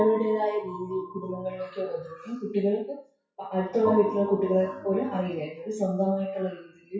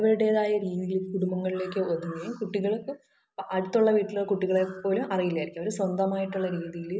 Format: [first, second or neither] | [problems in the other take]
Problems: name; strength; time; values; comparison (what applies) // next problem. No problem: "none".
second | noise reduction (classical method WPE with log-MMSE)